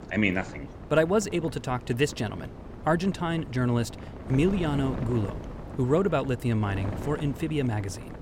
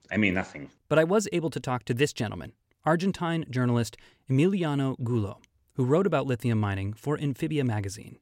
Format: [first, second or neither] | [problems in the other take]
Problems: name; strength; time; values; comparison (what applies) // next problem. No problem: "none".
second | wind noise on the microphone; occasional gusts; 15 dB below the speech